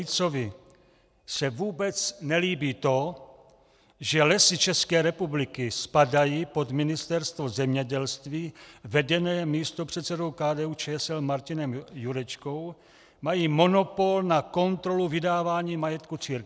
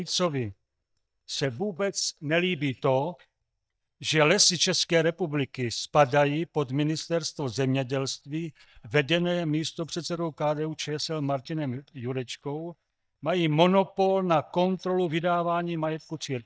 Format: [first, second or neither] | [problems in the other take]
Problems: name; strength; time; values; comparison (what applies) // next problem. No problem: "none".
first | noise reduction (neural mask model DeepFilterNet 3)